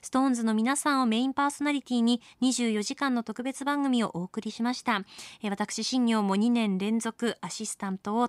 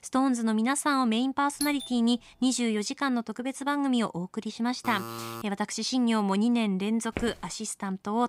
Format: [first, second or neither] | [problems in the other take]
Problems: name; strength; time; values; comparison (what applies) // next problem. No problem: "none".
first | doorbell; noticeable; at 1.5 s; peak 7 dB below the speech // alarm; noticeable; at 5 s; peak 9 dB below the speech // footsteps; faint; at 7 s; peak 10 dB below the speech